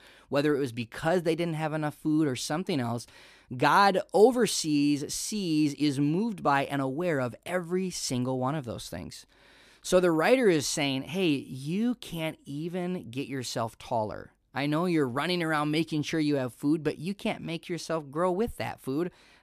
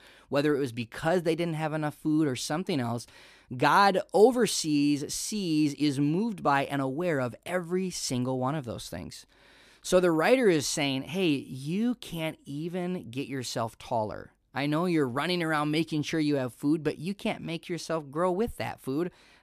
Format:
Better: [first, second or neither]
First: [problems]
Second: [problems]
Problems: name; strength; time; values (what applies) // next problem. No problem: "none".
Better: neither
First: none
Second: none